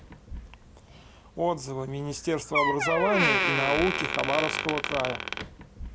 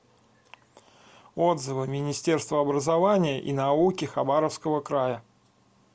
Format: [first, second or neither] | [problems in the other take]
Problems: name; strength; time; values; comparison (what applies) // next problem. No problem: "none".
second | background sound (Door); 1 dB below the speech